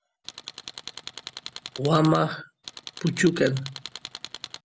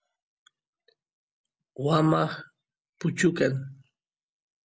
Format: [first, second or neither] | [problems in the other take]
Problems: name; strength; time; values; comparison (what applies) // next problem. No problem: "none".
second | background sound (Tools); 13 dB below the speech